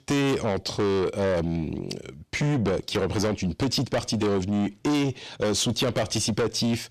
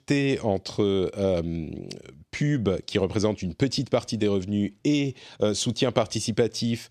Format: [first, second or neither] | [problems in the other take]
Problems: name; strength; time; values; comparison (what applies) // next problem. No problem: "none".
second | distortion; heavy; 6 dB below the speech